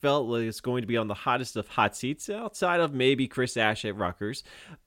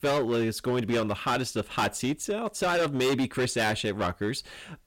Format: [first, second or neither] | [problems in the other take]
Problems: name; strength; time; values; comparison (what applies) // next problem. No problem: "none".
first | distortion; heavy; 15% of the sound clipped